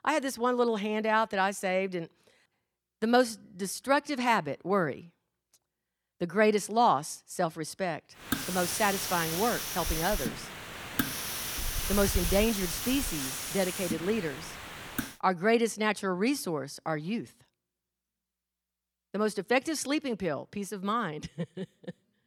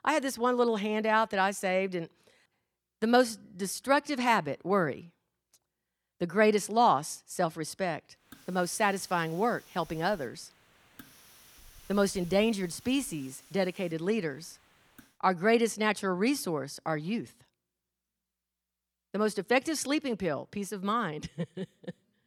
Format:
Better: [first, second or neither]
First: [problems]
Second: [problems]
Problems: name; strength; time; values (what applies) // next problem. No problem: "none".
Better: second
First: hiss; loud; from 8 to 15 s; 4 dB below the speech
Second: hiss; faint; from 8 to 15 s; 25 dB below the speech